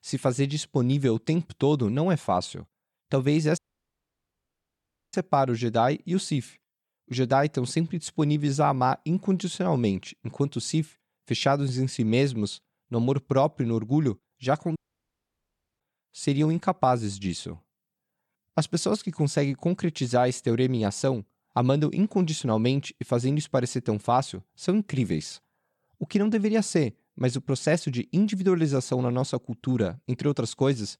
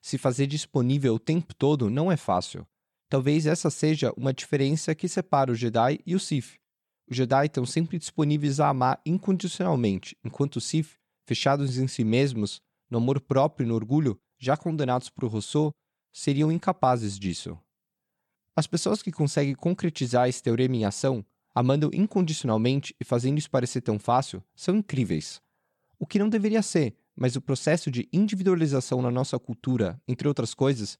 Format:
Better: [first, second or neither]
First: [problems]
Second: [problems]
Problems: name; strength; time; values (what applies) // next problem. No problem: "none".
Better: second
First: audio cutting out; at 3.5 s for 1.5 s and at 15 s for 1 s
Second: none